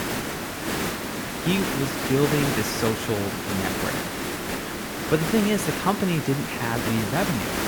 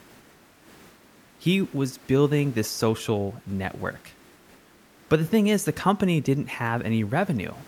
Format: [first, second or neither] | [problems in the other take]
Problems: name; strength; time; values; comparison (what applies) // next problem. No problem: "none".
second | hiss; loud; throughout; 2 dB below the speech; faint in the second